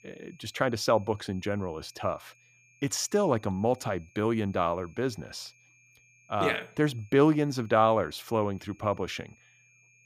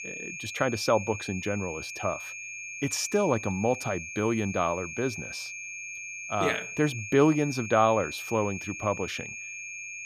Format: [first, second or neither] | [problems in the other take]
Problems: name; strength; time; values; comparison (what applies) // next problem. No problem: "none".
first | high-pitched whine; loud; throughout; 2.5 kHz, 8 dB below the speech; faint in the first